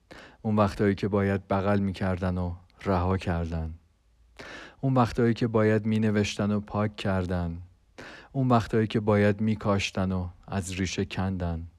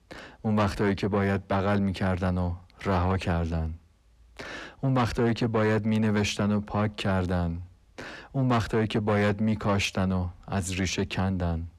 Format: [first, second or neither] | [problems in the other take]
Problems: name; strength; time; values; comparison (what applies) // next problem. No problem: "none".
first | distortion; slight; 10 dB below the speech